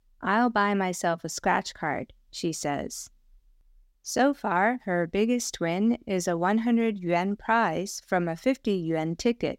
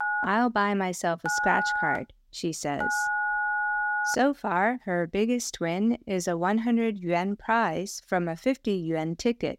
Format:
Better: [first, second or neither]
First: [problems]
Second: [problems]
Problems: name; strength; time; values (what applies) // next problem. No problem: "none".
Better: first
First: none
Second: phone ringing; loud; until 4 s; peak 1 dB above the speech